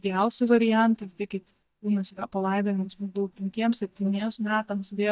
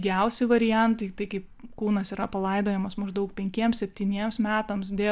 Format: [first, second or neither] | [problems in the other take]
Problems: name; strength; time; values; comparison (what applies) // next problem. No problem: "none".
second | noise reduction (neural mask model DeepFilterNet 3)